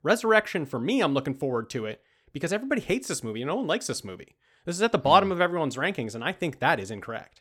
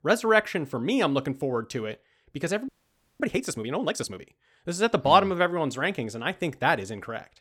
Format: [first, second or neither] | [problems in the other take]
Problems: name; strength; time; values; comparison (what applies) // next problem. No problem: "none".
first | audio freezing; at 2.5 s for 0.5 s